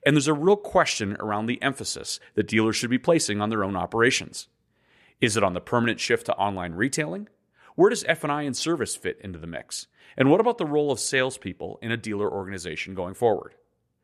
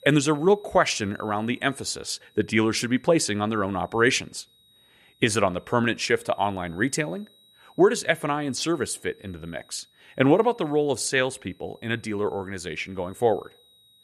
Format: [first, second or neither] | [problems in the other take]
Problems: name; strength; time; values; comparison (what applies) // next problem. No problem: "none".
first | high-pitched whine; faint; throughout; 4 kHz, 35 dB below the speech